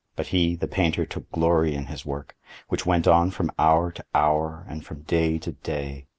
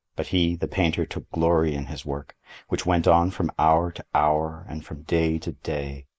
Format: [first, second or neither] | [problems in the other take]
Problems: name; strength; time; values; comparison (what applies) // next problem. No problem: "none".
first | noise reduction (neural mask model Resemble Enhance denoiser)